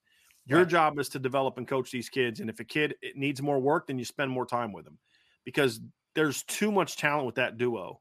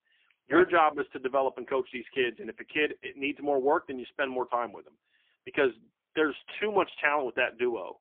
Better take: first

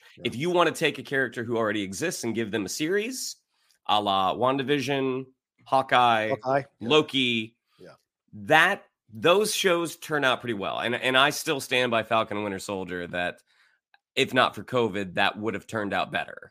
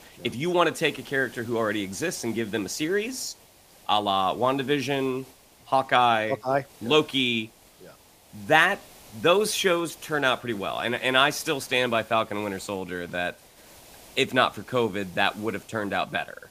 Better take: first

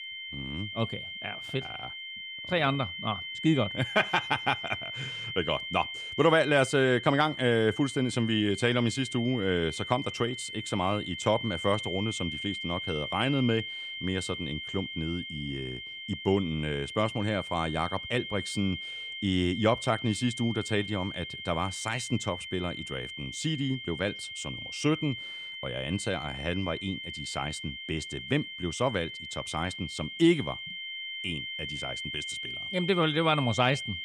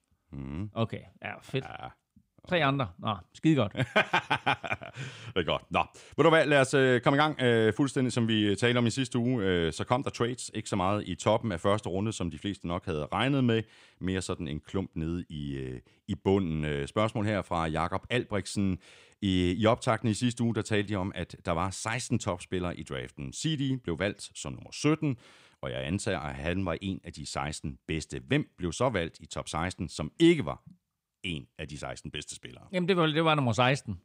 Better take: second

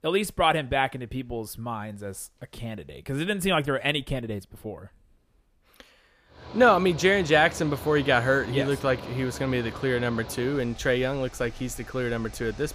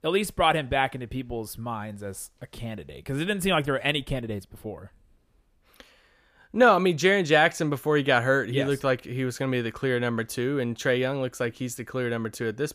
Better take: second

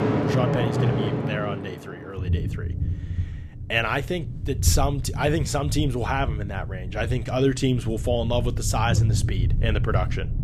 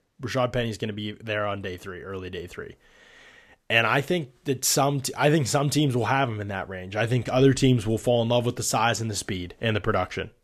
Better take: second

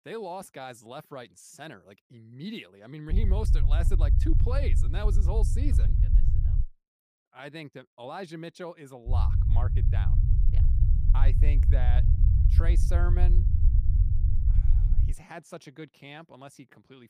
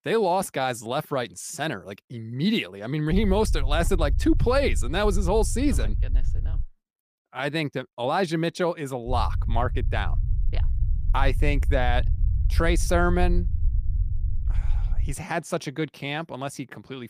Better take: second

